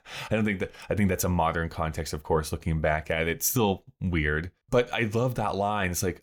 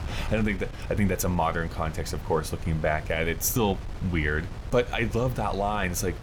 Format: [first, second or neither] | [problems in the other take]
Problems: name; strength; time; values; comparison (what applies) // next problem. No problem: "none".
first | wind noise on the microphone; occasional gusts; 15 dB below the speech